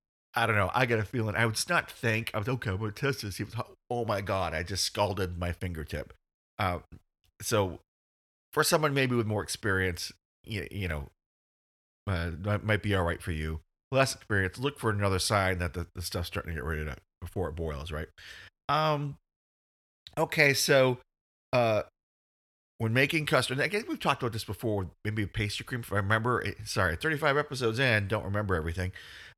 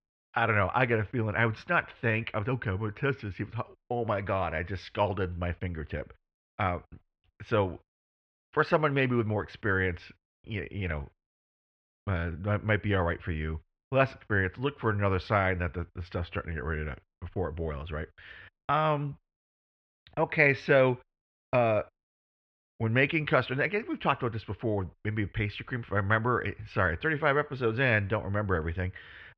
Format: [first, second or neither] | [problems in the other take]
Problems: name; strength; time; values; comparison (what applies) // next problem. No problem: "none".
first | muffled; very; fading above 3 kHz